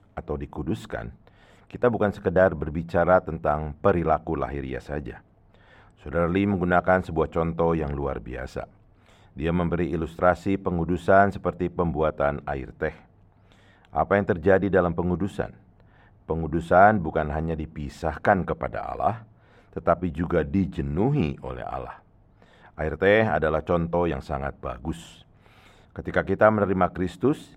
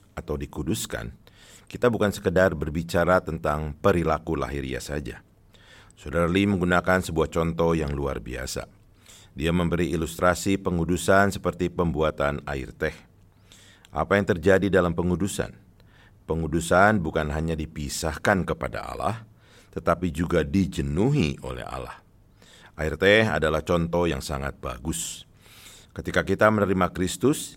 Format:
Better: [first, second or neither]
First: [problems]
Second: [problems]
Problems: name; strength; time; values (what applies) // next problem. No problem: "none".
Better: second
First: muffled; very; fading above 3.5 kHz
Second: none